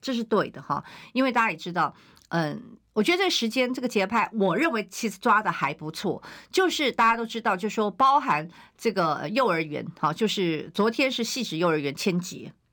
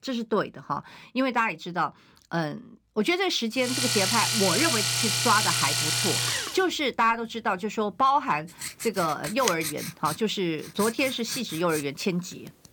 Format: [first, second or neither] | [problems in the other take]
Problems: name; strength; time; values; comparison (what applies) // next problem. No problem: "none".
first | household noises; very loud; from 3.5 s on; 1 dB above the speech